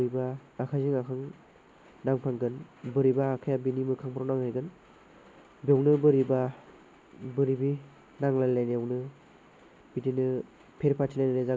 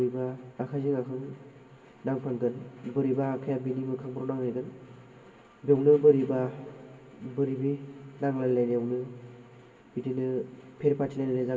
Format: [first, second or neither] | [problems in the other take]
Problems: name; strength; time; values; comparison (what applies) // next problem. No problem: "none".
first | room echo; dies away in 1.7 s